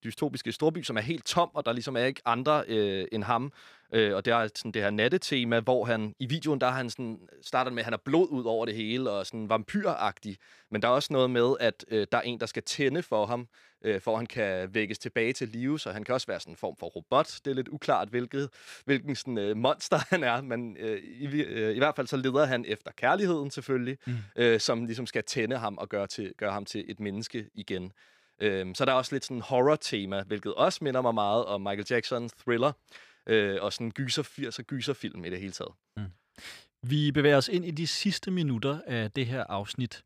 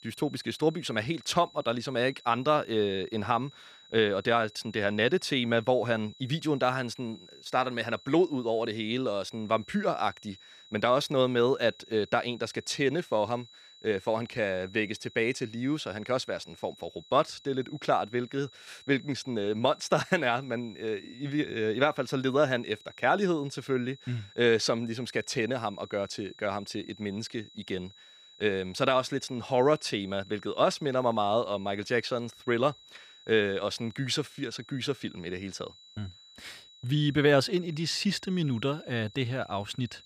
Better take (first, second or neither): first